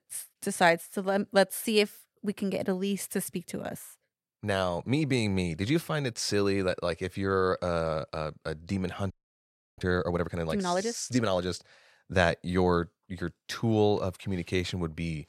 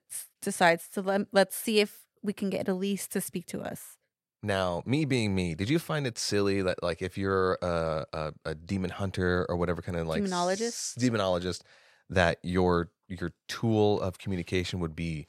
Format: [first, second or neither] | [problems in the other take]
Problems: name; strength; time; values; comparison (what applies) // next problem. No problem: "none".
second | audio freezing; at 9 s for 0.5 s